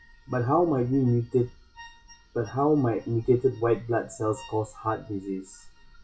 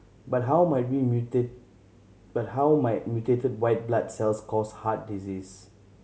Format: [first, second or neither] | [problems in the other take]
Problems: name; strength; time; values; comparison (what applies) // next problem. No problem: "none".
second | noise reduction (classical method WPE with log-MMSE)